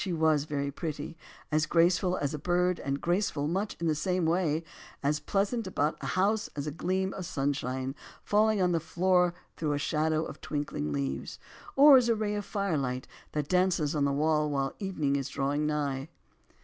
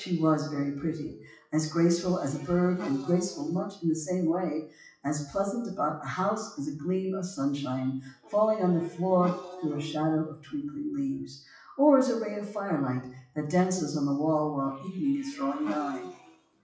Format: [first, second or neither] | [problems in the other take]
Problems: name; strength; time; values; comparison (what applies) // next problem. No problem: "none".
first | noise reduction (classical method WPE with log-MMSE)